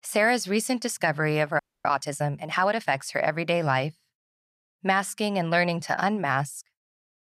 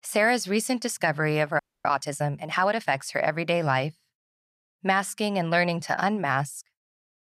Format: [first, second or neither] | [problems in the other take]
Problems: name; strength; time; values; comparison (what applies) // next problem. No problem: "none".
neither | audio freezing; at 1.5 s; the same in both